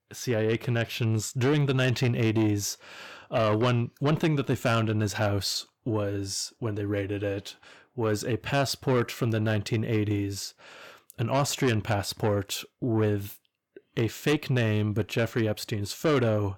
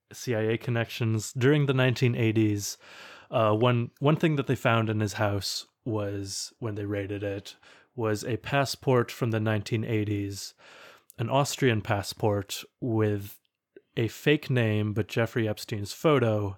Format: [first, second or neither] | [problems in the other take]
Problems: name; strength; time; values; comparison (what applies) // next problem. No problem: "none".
second | distortion; slight; 10 dB below the speech